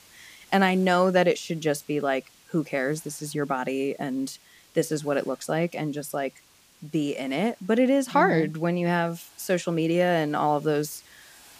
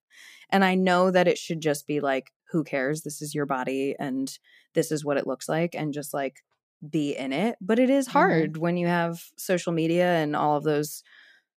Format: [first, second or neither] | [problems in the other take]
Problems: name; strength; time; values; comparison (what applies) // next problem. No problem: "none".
second | hiss; faint; throughout; 25 dB below the speech